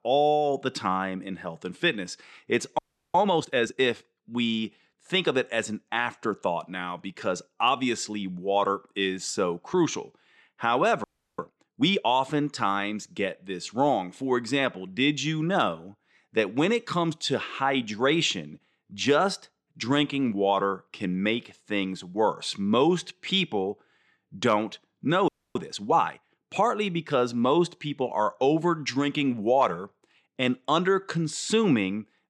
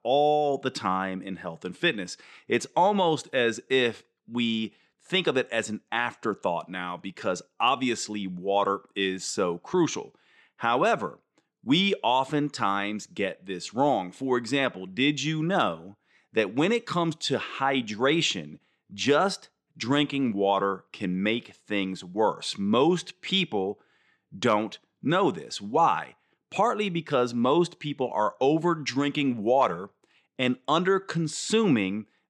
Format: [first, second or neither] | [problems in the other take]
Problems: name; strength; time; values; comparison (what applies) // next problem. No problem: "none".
second | audio freezing; at 3 s, at 11 s and at 25 s